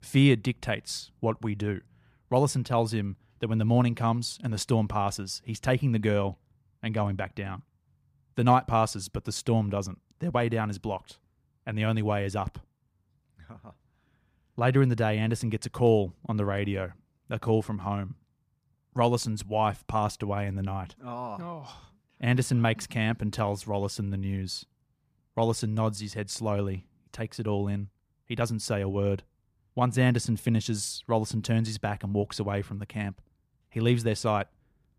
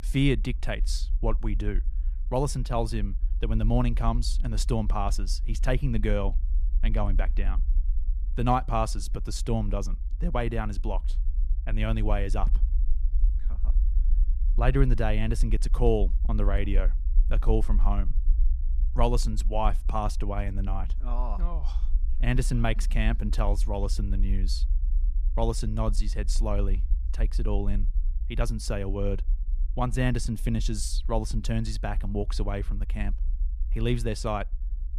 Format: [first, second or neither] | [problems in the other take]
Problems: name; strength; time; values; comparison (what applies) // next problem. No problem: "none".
first | low rumble; faint; throughout; 20 dB below the speech